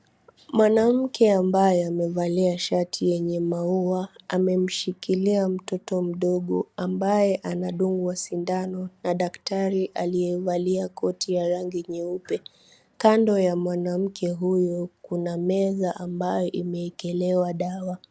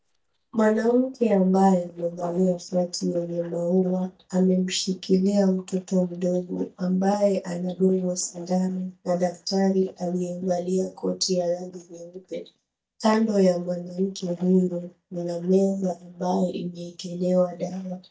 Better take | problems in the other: first | noise reduction (neural mask model DeepFilterNet 3)

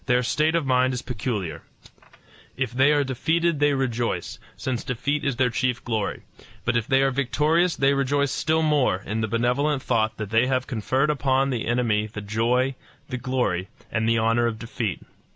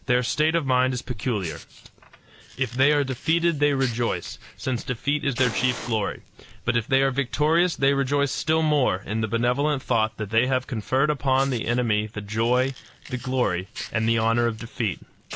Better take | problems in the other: first | background sound (Fire); 19 dB below the speech

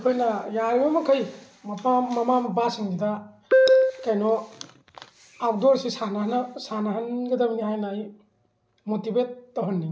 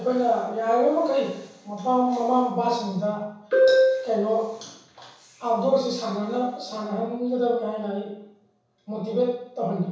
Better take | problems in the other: first | room echo; dies away in 0.7 s

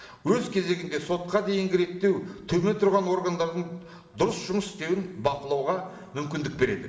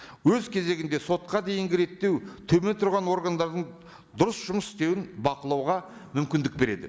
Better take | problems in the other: second | room echo; dies away in 1.4 s

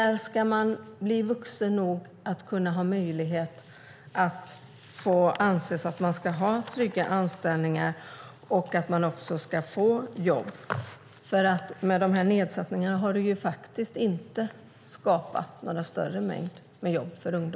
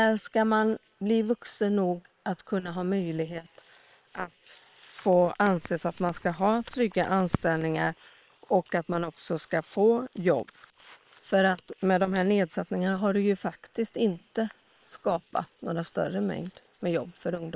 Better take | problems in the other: first | noise reduction (neural separator model SepFormer WHAM!)

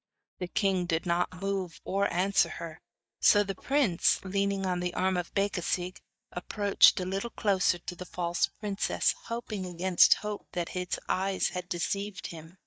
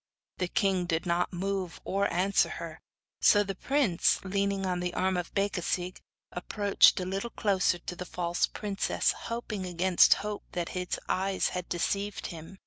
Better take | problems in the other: second | noise reduction (neural mask model DeepFilterNet 3)

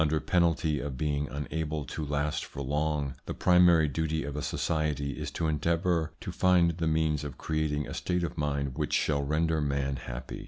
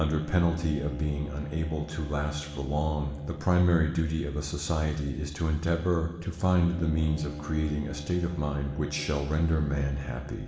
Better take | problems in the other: first | background sound (Bowed string instrument); 16 dB below the speech // room echo; dies away in 1.2 s

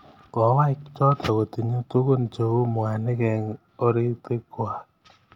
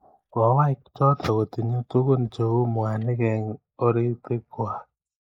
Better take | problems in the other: first | noise reduction (neural mask model Resemble Enhance denoiser)

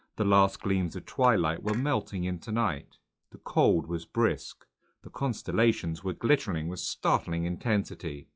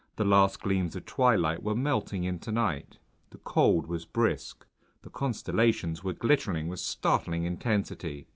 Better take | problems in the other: second | noise reduction (classical method log-MMSE)

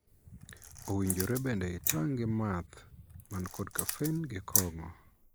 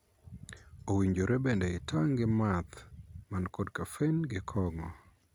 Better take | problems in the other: second | noise reduction (neural mask model Resemble Enhance denoiser)

